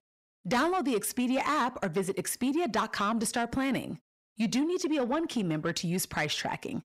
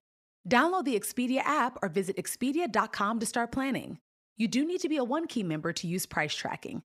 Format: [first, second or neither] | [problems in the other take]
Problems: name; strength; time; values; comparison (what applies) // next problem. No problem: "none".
second | distortion; slight; 10 dB below the speech